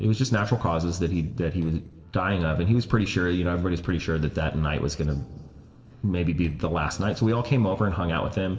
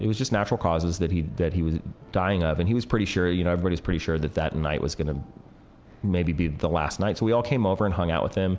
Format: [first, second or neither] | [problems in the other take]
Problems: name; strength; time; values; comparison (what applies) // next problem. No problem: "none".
second | noise reduction (neural separator model SepFormer DNS4)